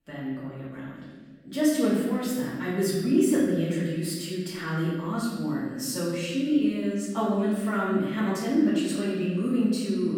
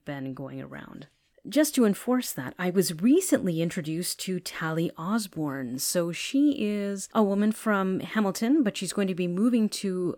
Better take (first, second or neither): second